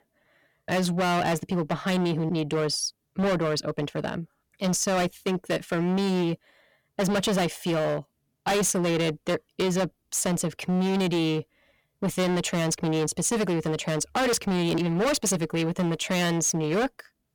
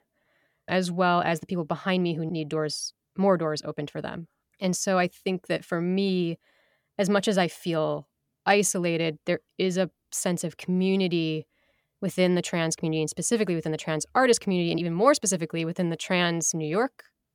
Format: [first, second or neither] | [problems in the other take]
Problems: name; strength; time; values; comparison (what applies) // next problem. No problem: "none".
second | distortion; heavy; 21% of the sound clipped